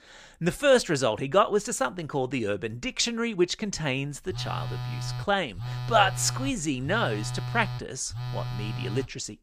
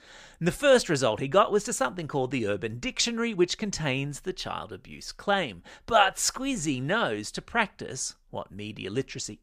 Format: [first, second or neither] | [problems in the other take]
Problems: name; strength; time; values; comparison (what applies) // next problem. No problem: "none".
second | phone ringing; noticeable; from 4.5 s on; peak 6 dB below the speech